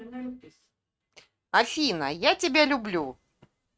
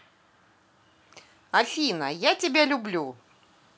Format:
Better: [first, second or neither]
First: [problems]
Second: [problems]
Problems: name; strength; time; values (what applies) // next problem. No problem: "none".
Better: second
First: noise reduction (neural mask model RNNoise)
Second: none